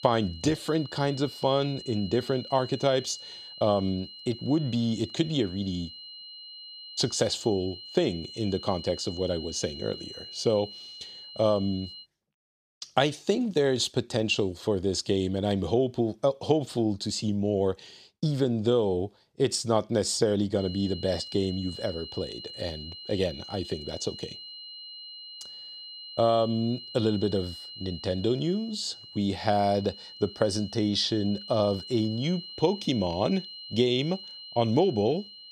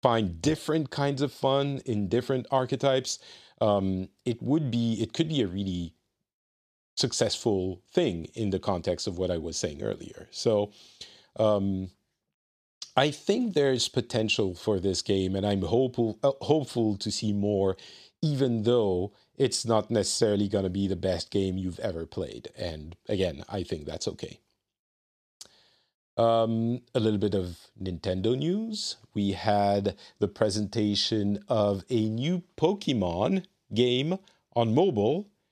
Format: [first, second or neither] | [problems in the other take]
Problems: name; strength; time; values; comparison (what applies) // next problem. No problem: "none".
second | high-pitched whine; noticeable; until 12 s and from 21 s on; 4 kHz, 15 dB below the speech